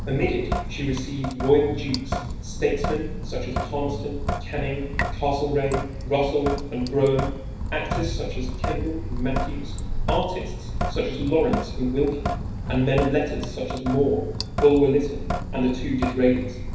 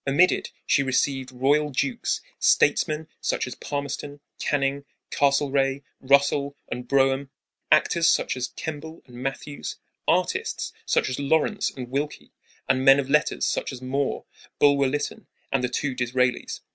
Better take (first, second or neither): second